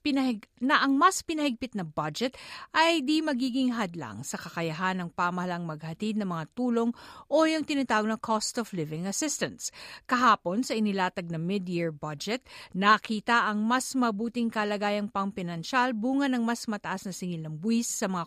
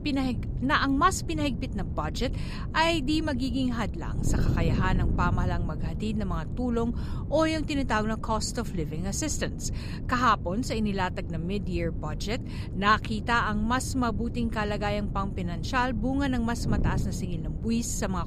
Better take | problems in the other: first | wind noise on the microphone; occasional gusts; 15 dB below the speech

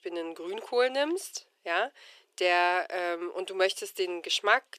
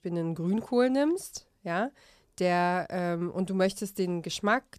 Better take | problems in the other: second | thin; very; fading below 350 Hz

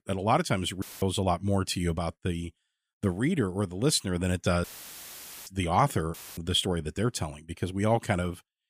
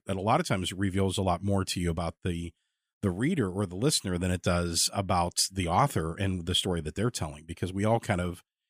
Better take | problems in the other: second | audio cutting out; filled with static; at 1 s, at 4.5 s for 1 s and at 6 s

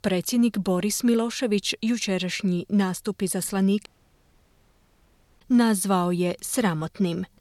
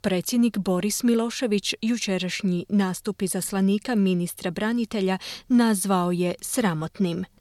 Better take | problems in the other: second | audio cutting out; at 4 s for 1.5 s

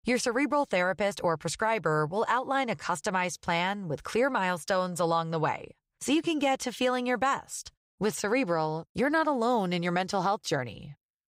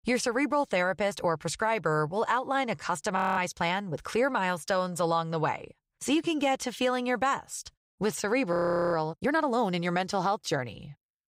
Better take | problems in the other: first | audio freezing; at 3 s and at 8.5 s

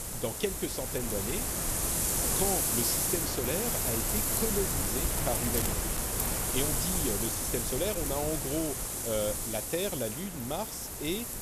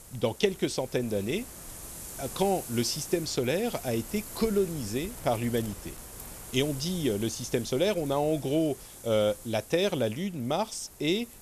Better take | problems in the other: second | wind noise on the microphone; heavy; 3 dB above the speech; occasional gusts in the second

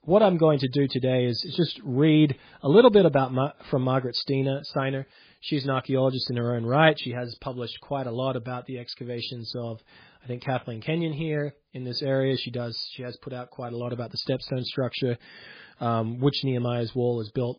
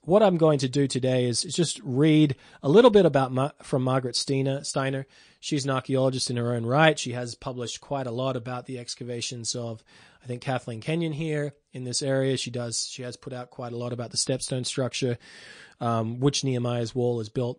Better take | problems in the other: second | garbled, watery; badly; slightly in the second

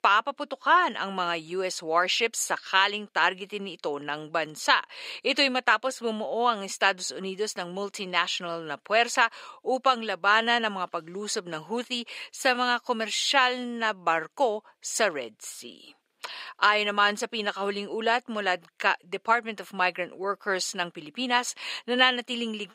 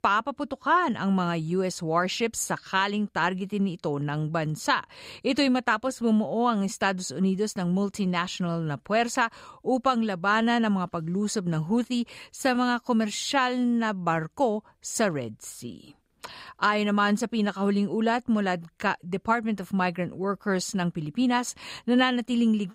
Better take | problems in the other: second | thin; somewhat; fading below 450 Hz

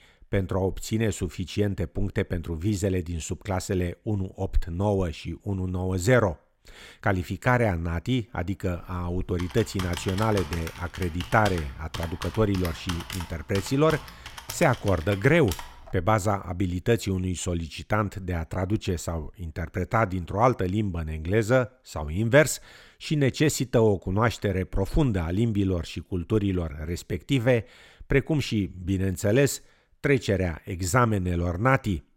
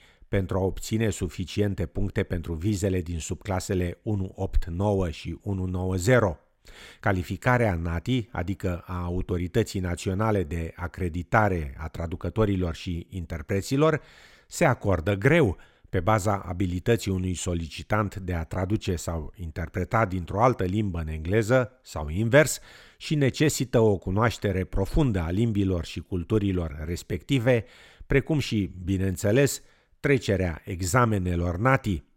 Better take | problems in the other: second | keyboard typing; noticeable; from 9 to 16 s; peak 9 dB below the speech

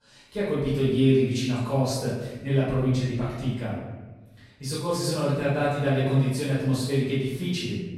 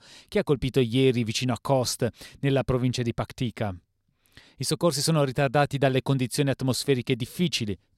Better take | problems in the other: second | off-mic speech; far // room echo; strong; dies away in 1 s

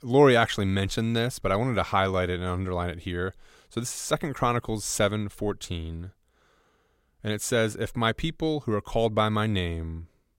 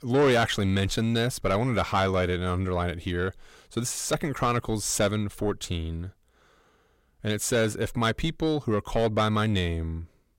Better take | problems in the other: first | distortion; slight; 10 dB below the speech

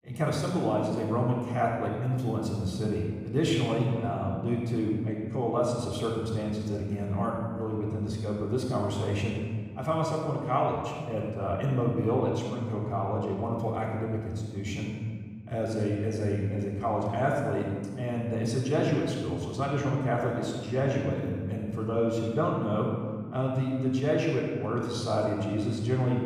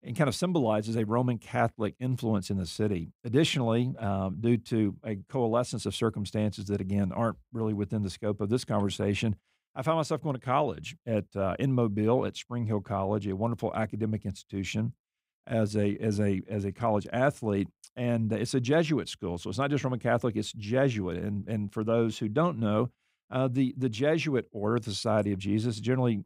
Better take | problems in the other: second | off-mic speech; far // room echo; noticeable; dies away in 1.5 s

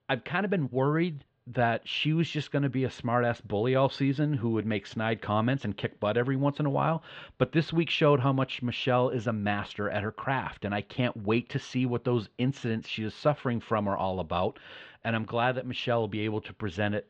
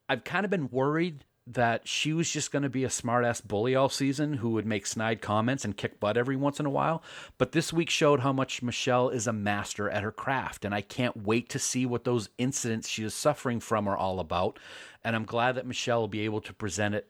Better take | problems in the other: second | muffled; slightly; fading above 3.5 kHz

